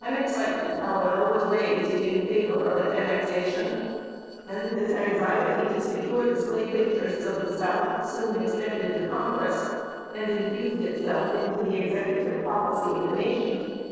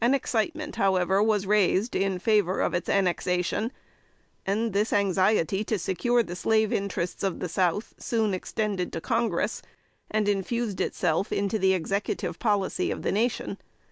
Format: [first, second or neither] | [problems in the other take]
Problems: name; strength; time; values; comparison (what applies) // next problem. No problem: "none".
second | noise reduction (neural separator model SepFormer DNS4)